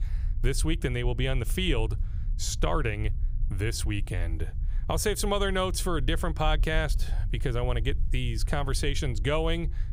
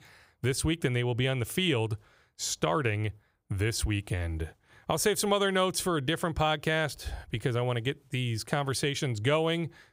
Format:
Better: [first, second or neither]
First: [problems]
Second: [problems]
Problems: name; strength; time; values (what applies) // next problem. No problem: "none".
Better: second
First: low rumble; faint; throughout; 20 dB below the speech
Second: none